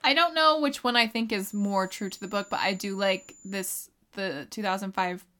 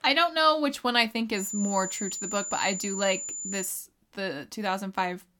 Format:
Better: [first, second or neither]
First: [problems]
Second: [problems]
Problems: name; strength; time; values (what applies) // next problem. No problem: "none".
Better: first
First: high-pitched whine; faint; from 1.5 to 3.5 s; 7 kHz, 25 dB below the speech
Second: high-pitched whine; loud; from 1.5 to 3.5 s; 7 kHz, 5 dB below the speech